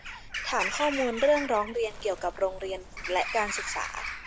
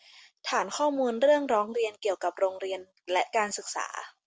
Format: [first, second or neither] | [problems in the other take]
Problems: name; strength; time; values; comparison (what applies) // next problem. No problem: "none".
second | background sound (Bird vocalization, bird call, bird song / Crow); 7 dB below the speech